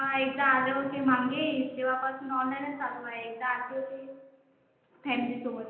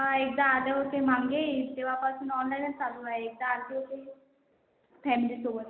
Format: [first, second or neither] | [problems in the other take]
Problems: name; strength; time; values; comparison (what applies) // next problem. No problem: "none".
second | room echo; dies away in 0.8 s